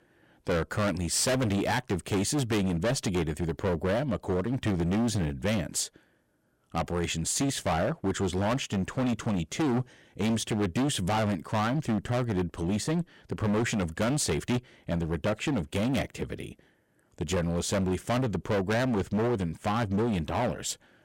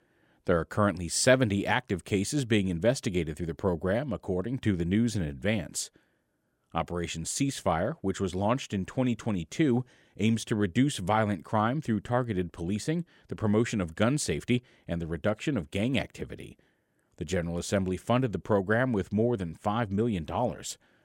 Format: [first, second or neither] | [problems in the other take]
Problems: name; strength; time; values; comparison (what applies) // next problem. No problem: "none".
second | distortion; heavy; 19% of the sound clipped